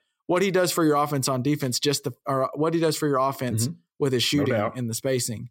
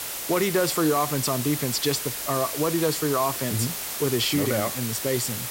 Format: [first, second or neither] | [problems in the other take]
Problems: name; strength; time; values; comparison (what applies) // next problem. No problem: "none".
first | hiss; loud; throughout; 4 dB below the speech